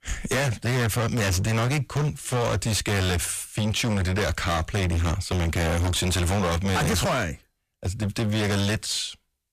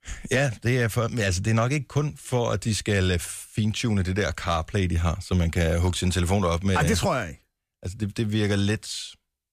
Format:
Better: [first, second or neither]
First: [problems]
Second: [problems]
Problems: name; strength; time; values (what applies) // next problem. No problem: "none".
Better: second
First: distortion; heavy; 32% of the sound clipped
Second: none